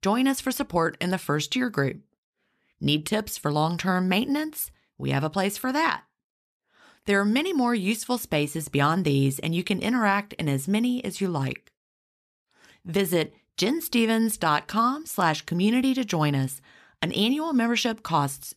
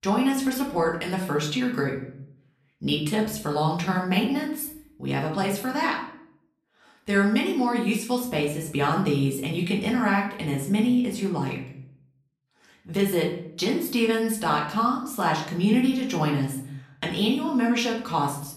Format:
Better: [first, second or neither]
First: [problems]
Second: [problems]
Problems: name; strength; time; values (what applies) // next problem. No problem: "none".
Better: first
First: none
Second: room echo; slight; dies away in 0.5 s // off-mic speech; far